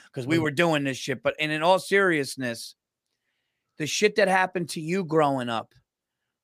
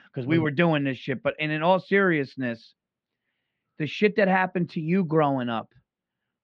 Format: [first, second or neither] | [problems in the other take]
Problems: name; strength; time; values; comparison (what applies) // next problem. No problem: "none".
first | muffled; slightly; fading above 3.5 kHz